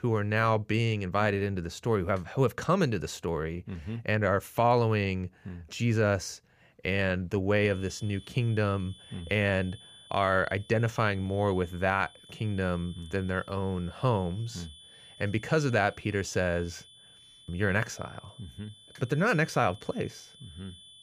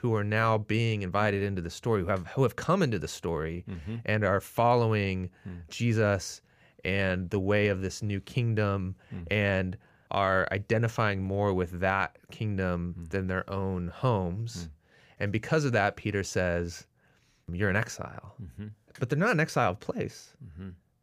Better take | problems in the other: second | high-pitched whine; faint; from 7.5 s on; 3.5 kHz, 20 dB below the speech

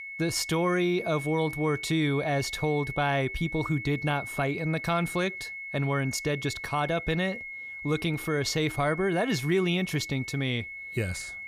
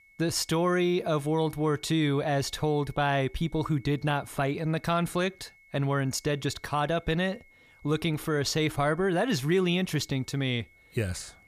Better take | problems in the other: second | high-pitched whine; loud; throughout; 2 kHz, 8 dB below the speech; faint in the second

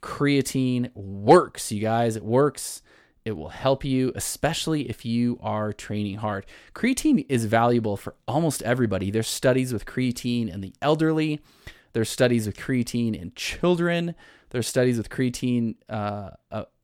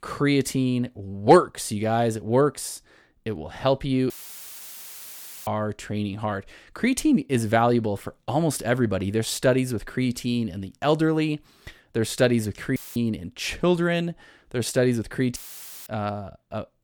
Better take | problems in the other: first | audio cutting out; filled with static; at 4 s for 1.5 s, at 13 s and at 15 s for 0.5 s

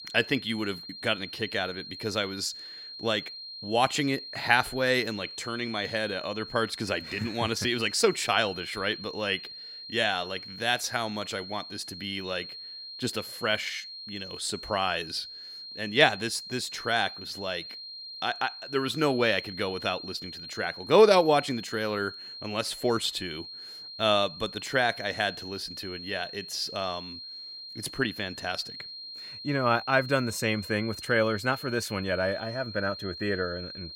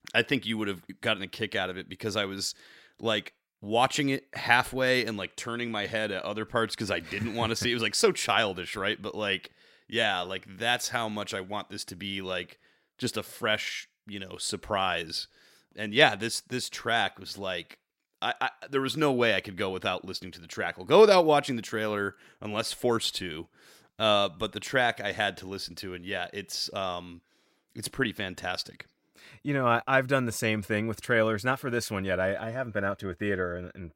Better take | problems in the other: second | high-pitched whine; noticeable; throughout; 4 kHz, 10 dB below the speech

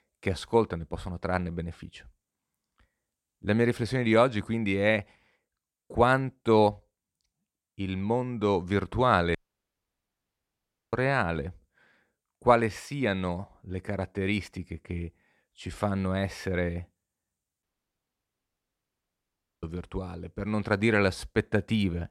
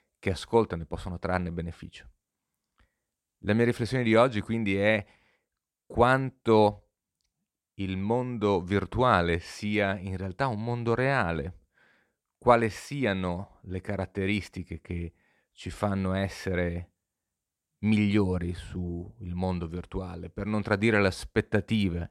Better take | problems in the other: second | audio cutting out; at 9.5 s for 1.5 s and at 18 s for 2 s

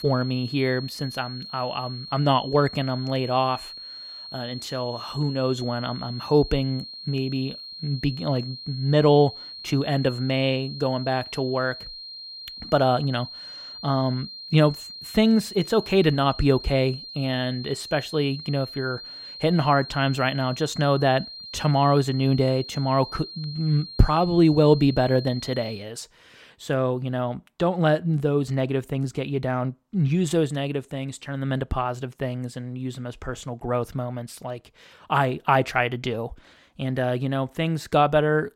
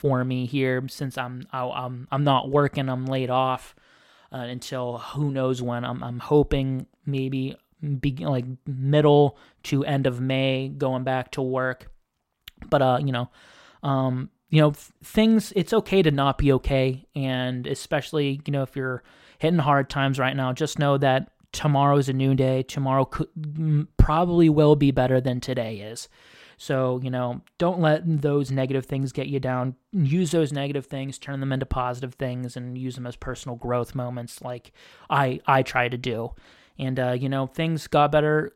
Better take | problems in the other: second | high-pitched whine; noticeable; until 26 s; 4 kHz, 10 dB below the speech

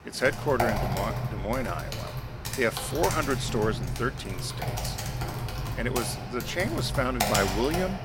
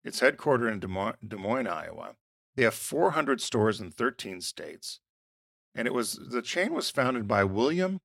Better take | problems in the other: second | keyboard typing; loud; peak 4 dB above the speech

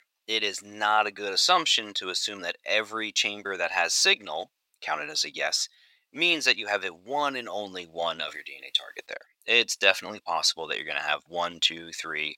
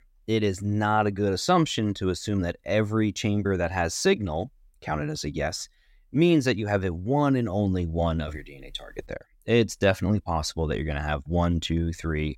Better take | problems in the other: second | thin; very; fading below 800 Hz

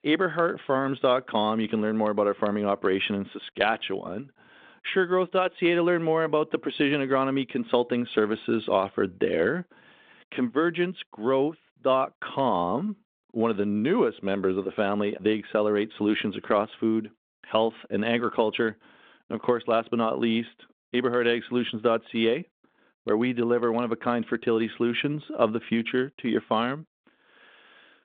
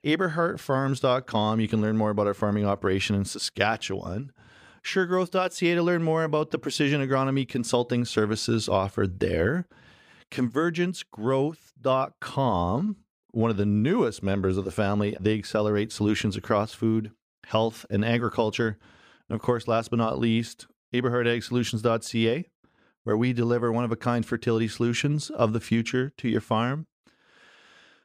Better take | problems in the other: second | phone-call audio

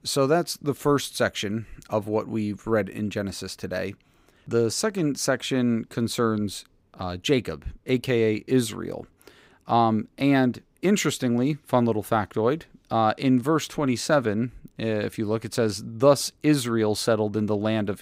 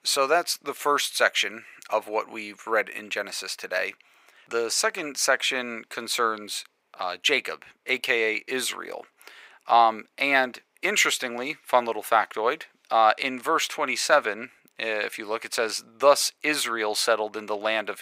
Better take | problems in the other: first | thin; very; fading below 750 Hz

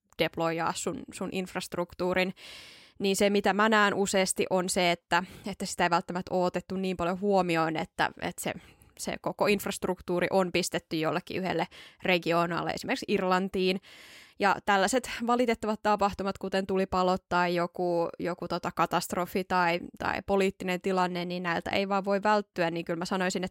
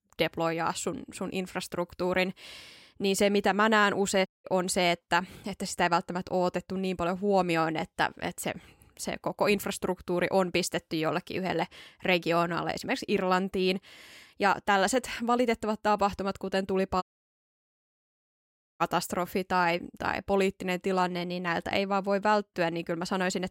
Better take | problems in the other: first | audio cutting out; at 4.5 s and at 17 s for 2 s

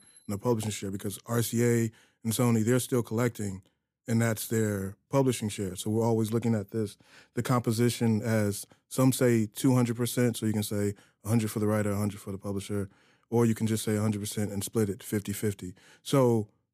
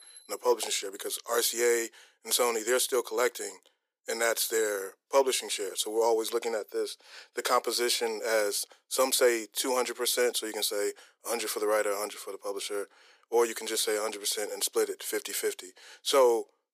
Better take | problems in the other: first | thin; very; fading below 400 Hz

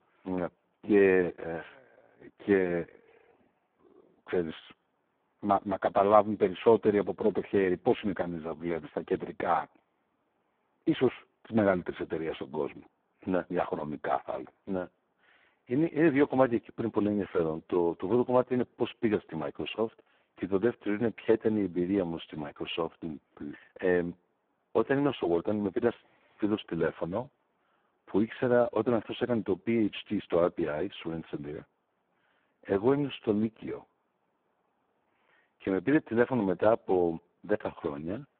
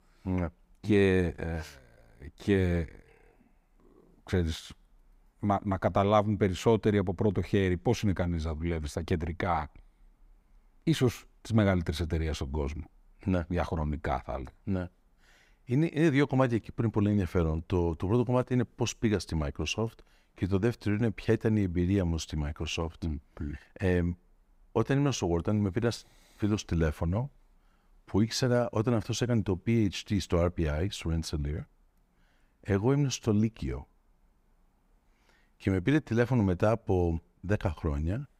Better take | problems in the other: second | phone-call audio; poor line

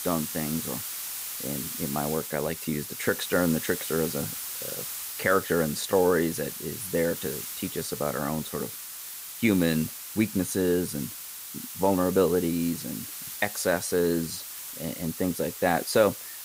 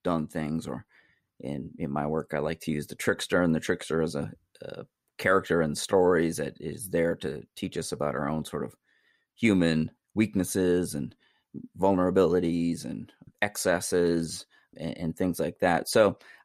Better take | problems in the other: second | hiss; loud; throughout; 7 dB below the speech

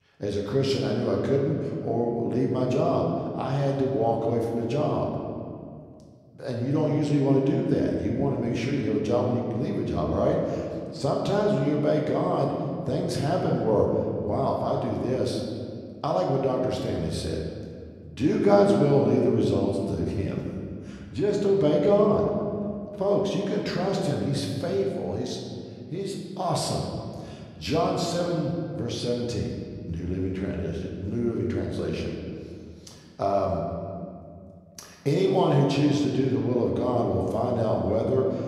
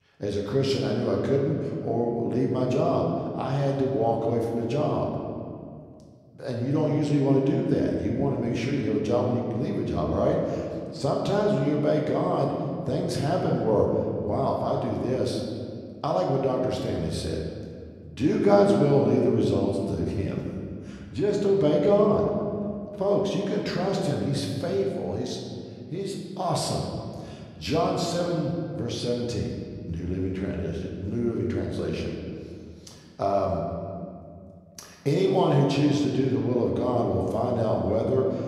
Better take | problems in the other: neither | room echo; noticeable; dies away in 2.1 s; the same in both // off-mic speech; somewhat distant; the same in both

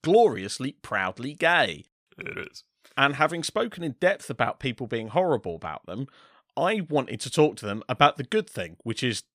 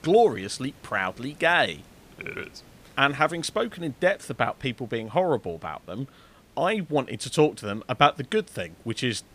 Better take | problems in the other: first | hiss; faint; throughout; 30 dB below the speech

